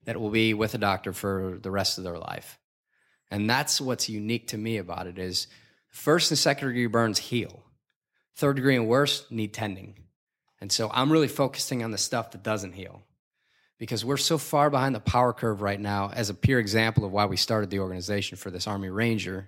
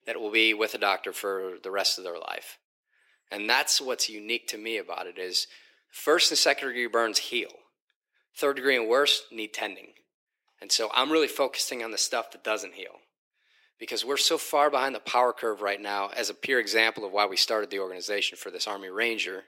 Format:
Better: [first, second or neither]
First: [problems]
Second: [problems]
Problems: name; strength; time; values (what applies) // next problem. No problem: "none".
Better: first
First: none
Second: thin; very; fading below 400 Hz